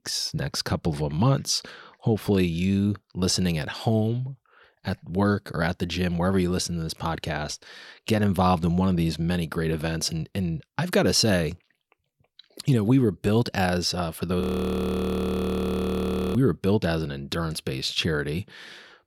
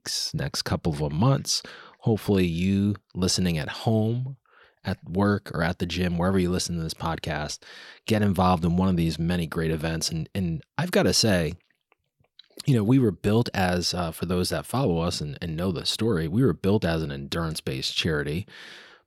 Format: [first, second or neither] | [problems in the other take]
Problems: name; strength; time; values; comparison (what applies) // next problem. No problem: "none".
second | audio freezing; at 14 s for 2 s